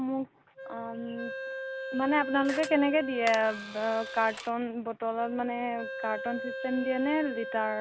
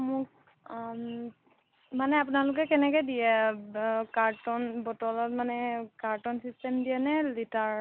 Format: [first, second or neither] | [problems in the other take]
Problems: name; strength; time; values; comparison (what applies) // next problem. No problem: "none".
second | background sound (Wind instrument, woodwind instrument + Camera); 9 dB below the speech